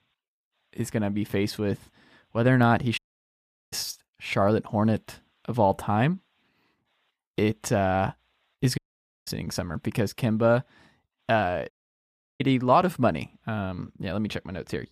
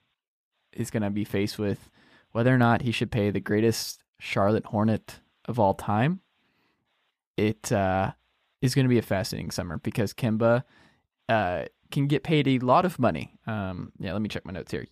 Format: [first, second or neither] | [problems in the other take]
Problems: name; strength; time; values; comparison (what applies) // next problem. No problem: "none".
second | audio cutting out; at 3 s for 0.5 s, at 9 s and at 12 s for 0.5 s